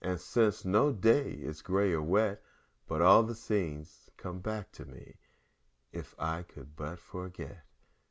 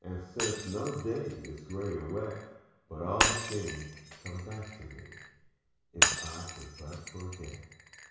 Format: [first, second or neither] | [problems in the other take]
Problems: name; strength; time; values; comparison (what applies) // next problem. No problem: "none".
first | background sound (Shatter); 2 dB above the speech // room echo; dies away in 1.1 s